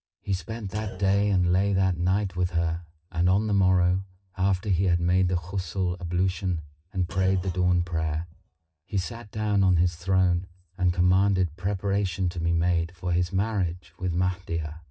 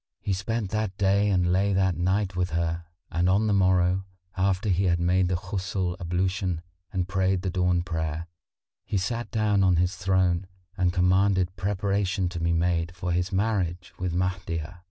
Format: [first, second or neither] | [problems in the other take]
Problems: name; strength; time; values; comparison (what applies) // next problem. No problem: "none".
second | background sound (Thump, thud); 19 dB below the speech // room echo; dies away in 0.3 s